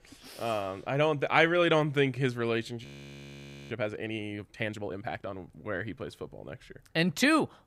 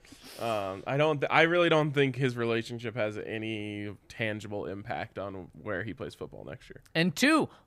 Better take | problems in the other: second | audio freezing; at 3 s for 1 s

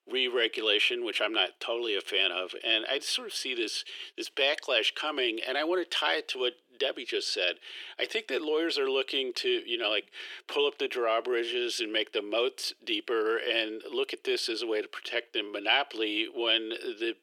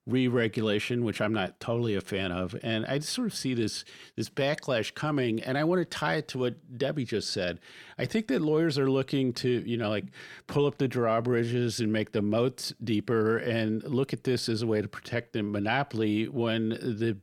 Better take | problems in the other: second | thin; very; fading below 350 Hz

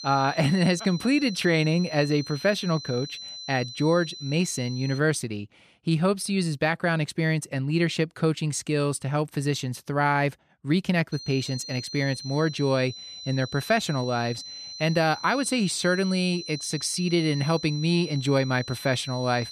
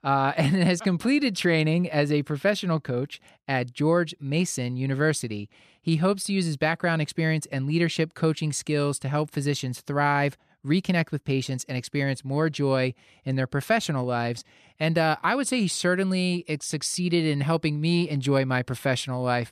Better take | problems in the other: second | high-pitched whine; noticeable; until 5 s and from 11 s on; 4 kHz, 10 dB below the speech

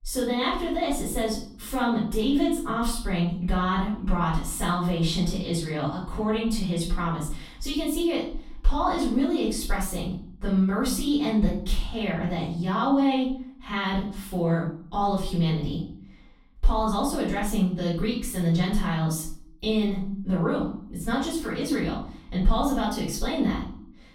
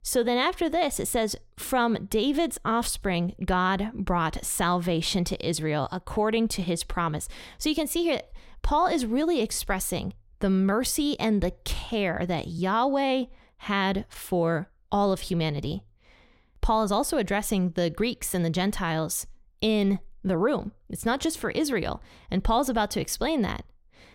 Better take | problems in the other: second | off-mic speech; far // room echo; noticeable; dies away in 0.5 s

